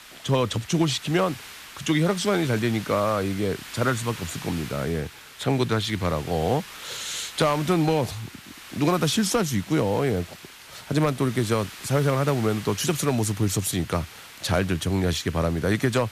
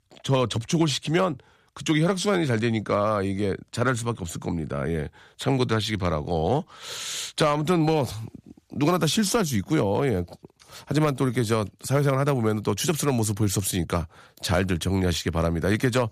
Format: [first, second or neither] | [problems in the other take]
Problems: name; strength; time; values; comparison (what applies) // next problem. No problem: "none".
second | hiss; noticeable; throughout; 15 dB below the speech